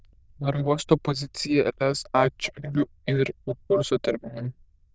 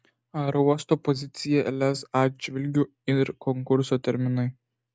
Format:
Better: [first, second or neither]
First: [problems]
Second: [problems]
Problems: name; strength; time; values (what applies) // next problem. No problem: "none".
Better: second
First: noise reduction (neural diffusion model UNIVERSE++)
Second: none